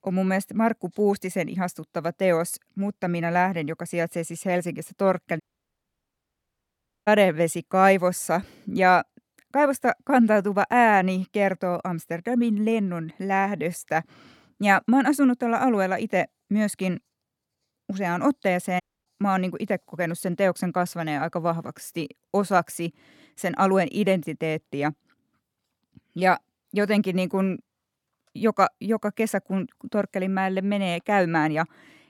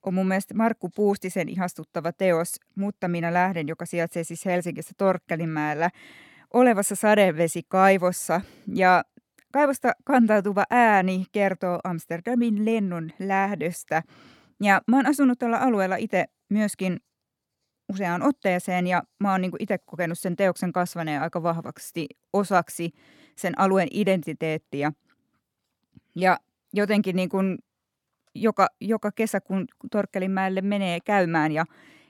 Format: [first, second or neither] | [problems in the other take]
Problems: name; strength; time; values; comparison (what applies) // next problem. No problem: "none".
second | audio cutting out; at 5.5 s for 1.5 s and at 19 s